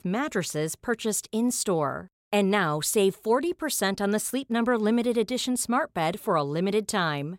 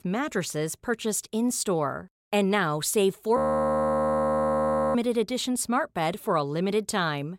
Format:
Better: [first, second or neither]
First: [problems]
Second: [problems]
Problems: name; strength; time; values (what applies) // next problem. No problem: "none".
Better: first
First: none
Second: audio freezing; at 3.5 s for 1.5 s